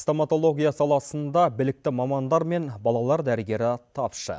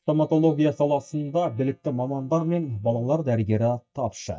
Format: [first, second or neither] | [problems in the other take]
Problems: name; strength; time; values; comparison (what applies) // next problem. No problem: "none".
first | noise reduction (neural mask model DeepFilterNet 3)